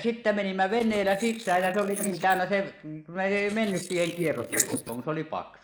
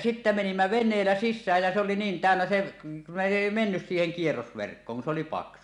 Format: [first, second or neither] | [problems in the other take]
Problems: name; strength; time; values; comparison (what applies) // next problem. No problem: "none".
second | noise reduction (neural mask model Resemble Enhance denoiser)